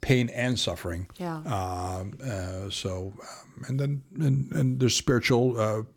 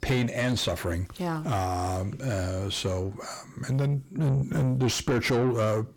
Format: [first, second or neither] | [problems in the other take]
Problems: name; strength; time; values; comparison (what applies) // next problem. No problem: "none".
first | distortion; heavy; 8 dB below the speech